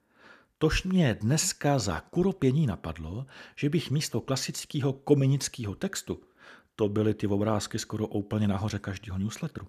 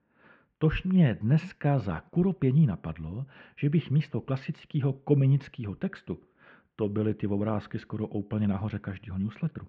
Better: first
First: none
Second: muffled; very; fading above 2.5 kHz

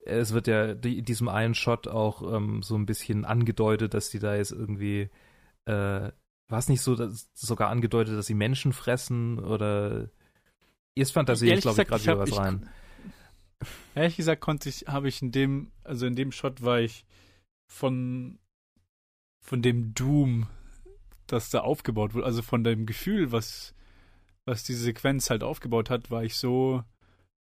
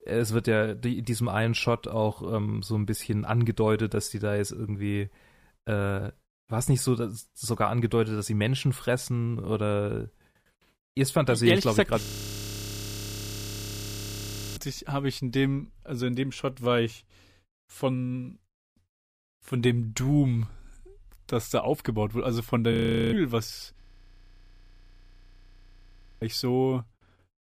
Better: first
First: none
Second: audio freezing; at 12 s for 2.5 s, at 23 s and at 24 s for 2.5 s

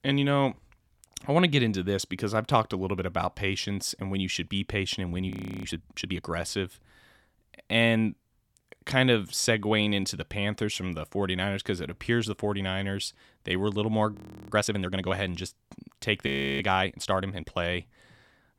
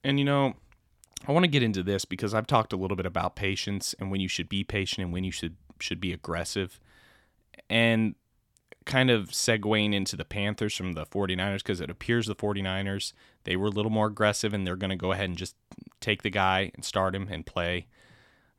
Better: second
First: audio freezing; at 5.5 s, at 14 s and at 16 s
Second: none

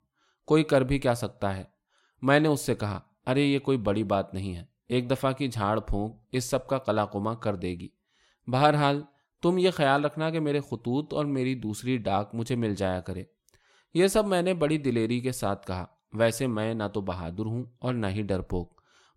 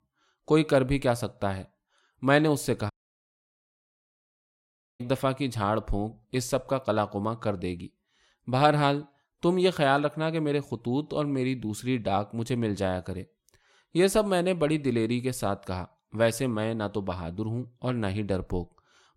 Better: first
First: none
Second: audio cutting out; at 3 s for 2 s

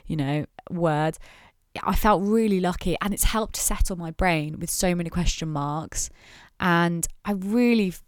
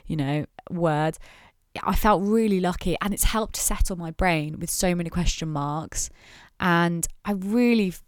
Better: neither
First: none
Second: none

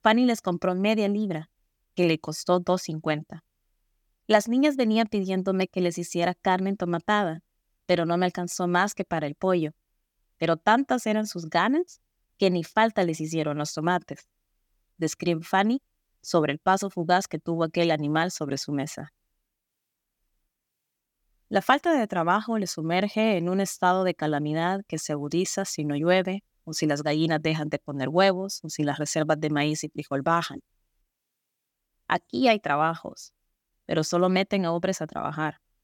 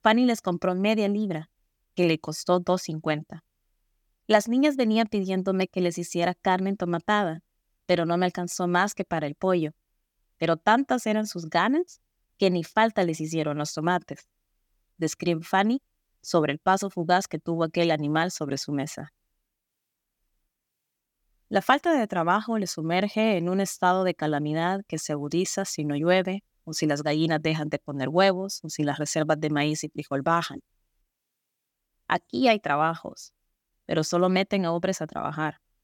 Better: neither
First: none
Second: none

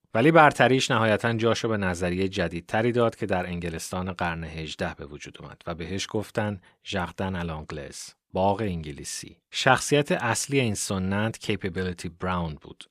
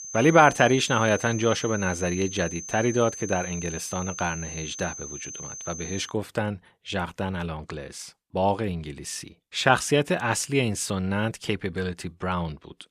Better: first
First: none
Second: high-pitched whine; loud; until 6 s; 6 kHz, 10 dB below the speech

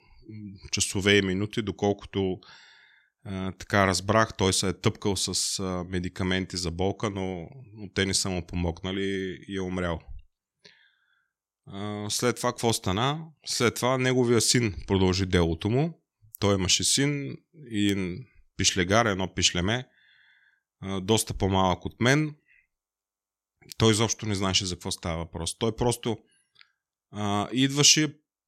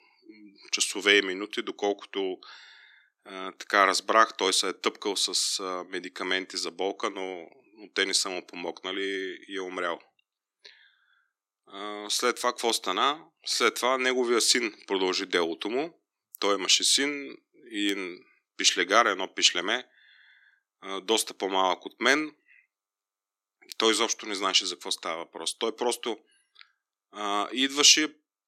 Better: first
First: none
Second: thin; somewhat; fading below 300 Hz

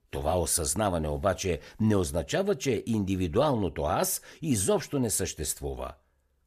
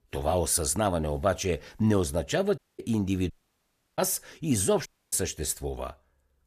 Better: first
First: none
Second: audio cutting out; at 2.5 s, at 3.5 s for 0.5 s and at 5 s

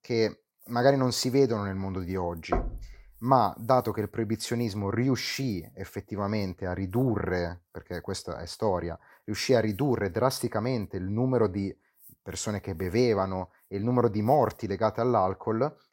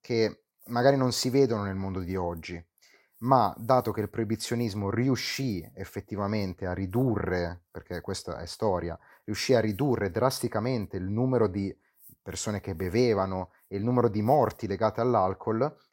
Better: second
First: door banging; noticeable; at 2.5 s; peak 4 dB below the speech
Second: none

